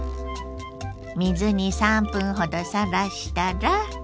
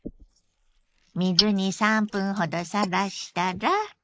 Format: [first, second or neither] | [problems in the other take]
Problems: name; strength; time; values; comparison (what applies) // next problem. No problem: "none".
first | noise reduction (neural mask model Resemble Enhance denoiser)